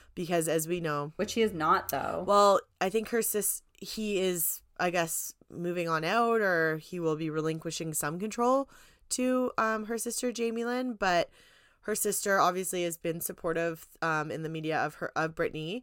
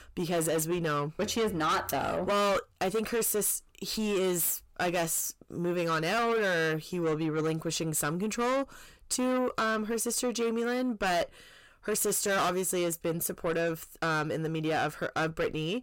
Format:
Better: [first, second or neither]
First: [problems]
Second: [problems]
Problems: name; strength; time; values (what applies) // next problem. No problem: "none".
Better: first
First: none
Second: distortion; heavy; 7 dB below the speech